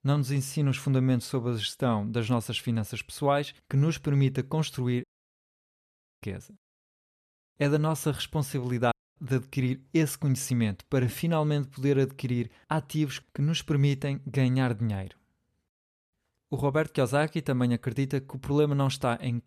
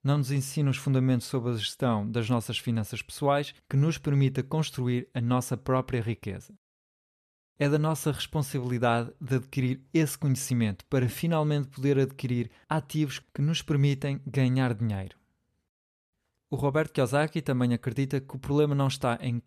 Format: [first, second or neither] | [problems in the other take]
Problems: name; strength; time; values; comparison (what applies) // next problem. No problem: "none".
second | audio cutting out; at 5 s for 1 s and at 9 s